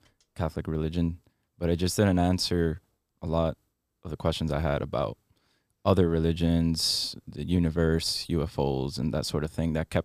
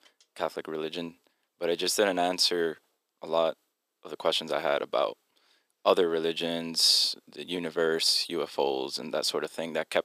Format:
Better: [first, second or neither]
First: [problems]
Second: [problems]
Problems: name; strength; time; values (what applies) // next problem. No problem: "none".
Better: first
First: none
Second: thin; very; fading below 400 Hz